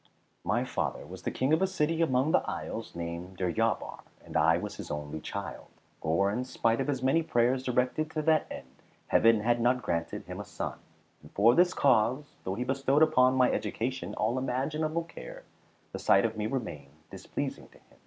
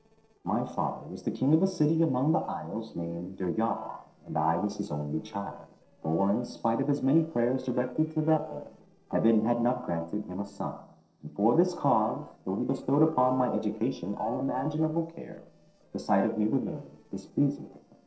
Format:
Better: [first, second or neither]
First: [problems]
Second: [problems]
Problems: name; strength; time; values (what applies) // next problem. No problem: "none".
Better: first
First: none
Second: noise reduction (neural separator model SepFormer DNS4)